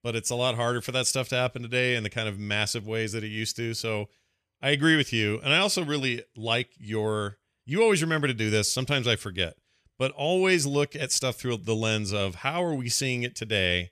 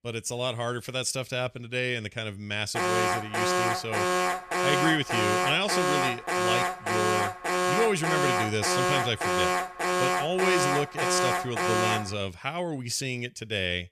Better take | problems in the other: first | alarm; loud; from 3 to 12 s; peak 5 dB above the speech

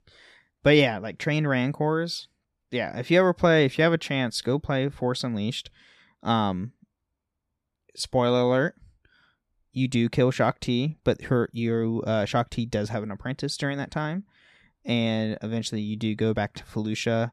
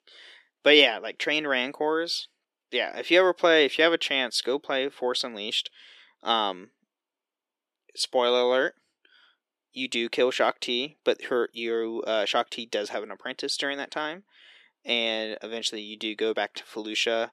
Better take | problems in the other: first | thin; somewhat; fading below 350 Hz

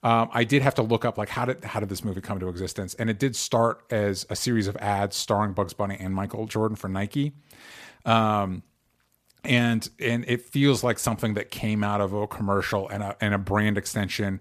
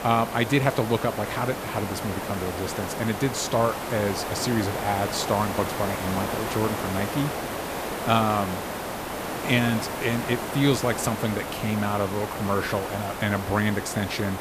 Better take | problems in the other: first | hiss; loud; throughout; 5 dB below the speech

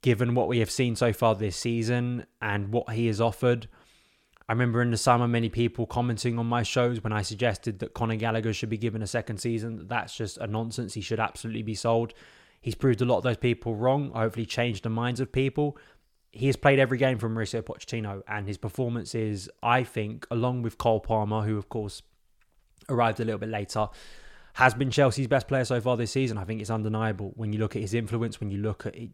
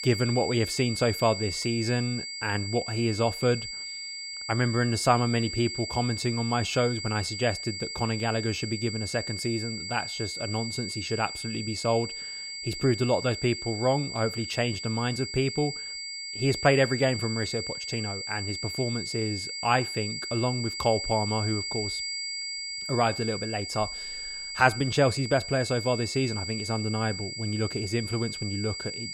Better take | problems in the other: first | high-pitched whine; loud; throughout; 4.5 kHz, 5 dB below the speech

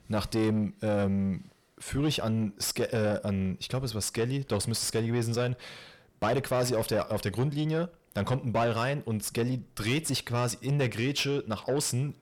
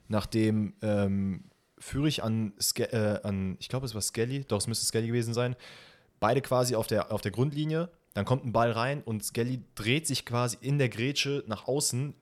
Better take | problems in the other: second | distortion; slight; 10 dB below the speech

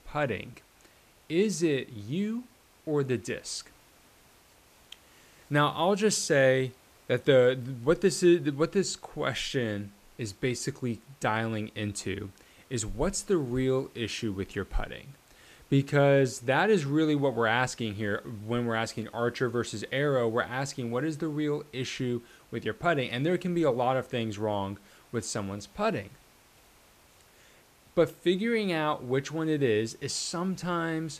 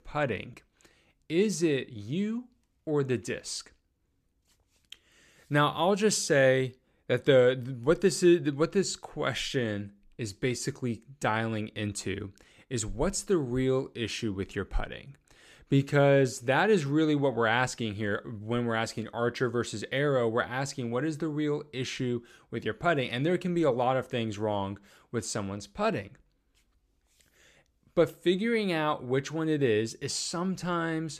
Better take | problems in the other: second | hiss; faint; throughout; 30 dB below the speech

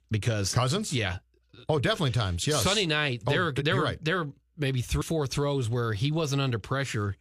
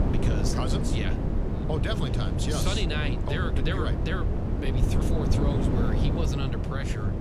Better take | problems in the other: first | wind noise on the microphone; heavy; 1 dB below the speech

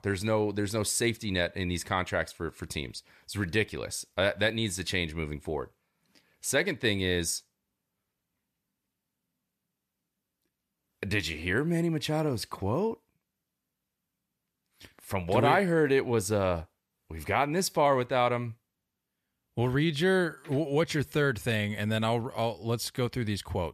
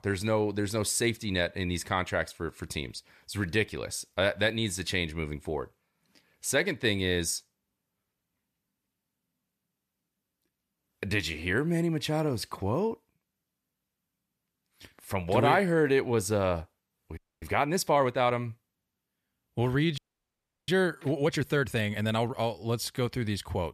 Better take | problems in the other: first | audio freezing; at 17 s and at 20 s for 0.5 s

